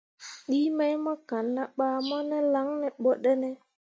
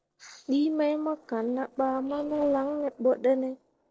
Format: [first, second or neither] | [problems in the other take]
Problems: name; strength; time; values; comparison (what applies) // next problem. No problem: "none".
first | noise reduction (neural separator model SepFormer DNS4)